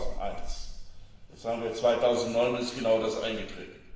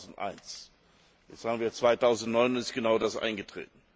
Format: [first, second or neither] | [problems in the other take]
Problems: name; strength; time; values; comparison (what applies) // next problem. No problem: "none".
second | background sound (Wind); 8 dB below the speech // room echo; dies away in 1 s